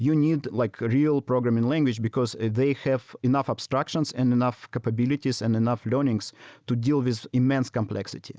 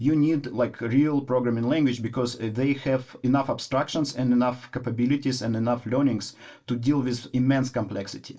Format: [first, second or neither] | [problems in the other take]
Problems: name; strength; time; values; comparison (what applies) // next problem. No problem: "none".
first | room echo; dies away in 0.2 s